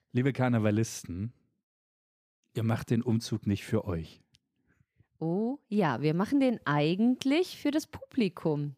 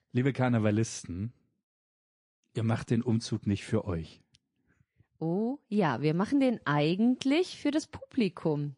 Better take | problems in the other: first | garbled, watery; slightly; nothing above 10.5 kHz

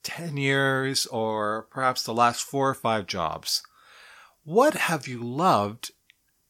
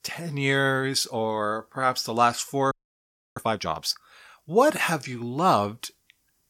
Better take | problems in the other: first | audio freezing; at 2.5 s for 0.5 s

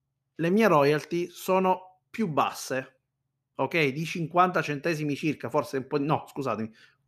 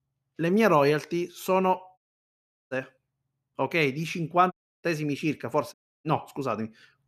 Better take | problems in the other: first | audio cutting out; at 2 s for 0.5 s, at 4.5 s and at 5.5 s

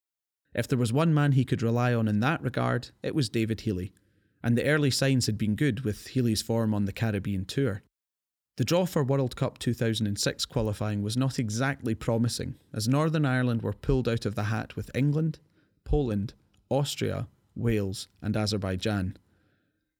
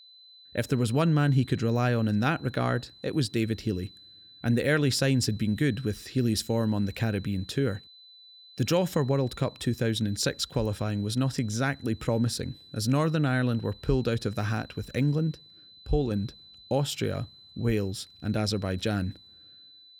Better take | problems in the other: first | high-pitched whine; faint; throughout; 4 kHz, 20 dB below the speech

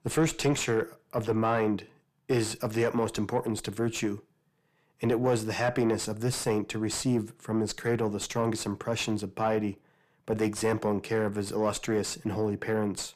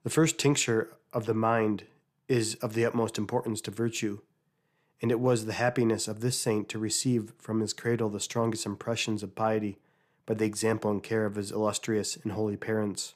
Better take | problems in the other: second | distortion; slight; 10 dB below the speech

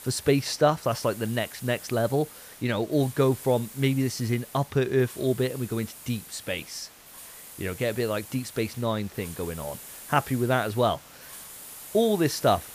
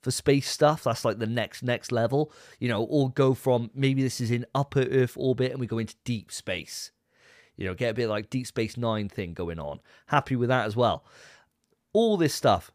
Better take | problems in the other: second | hiss; noticeable; throughout; 15 dB below the speech

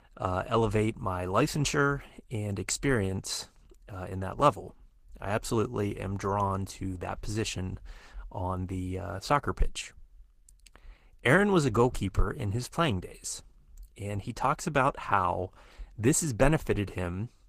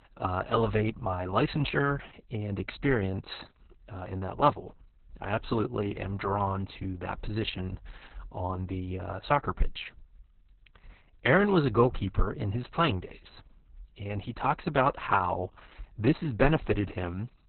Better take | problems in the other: first | garbled, watery; badly; nothing above 4 kHz; slightly in the first

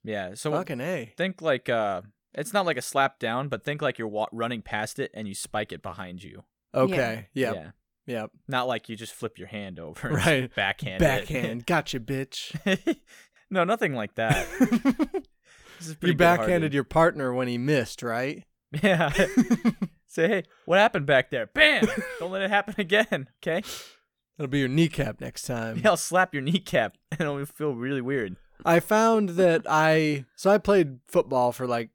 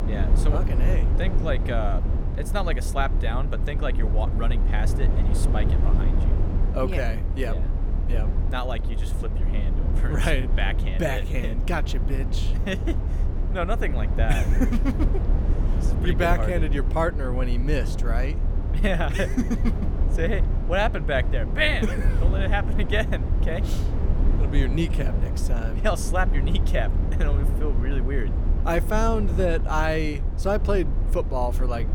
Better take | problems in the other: first | low rumble; loud; throughout; 10 dB below the speech

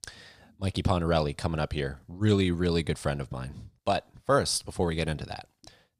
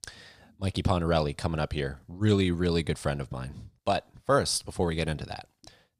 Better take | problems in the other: neither | none

